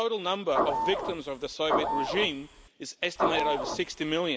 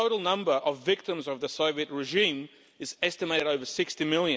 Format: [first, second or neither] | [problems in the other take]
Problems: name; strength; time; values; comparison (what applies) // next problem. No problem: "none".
second | background sound (Printer / Engine); as loud as the speech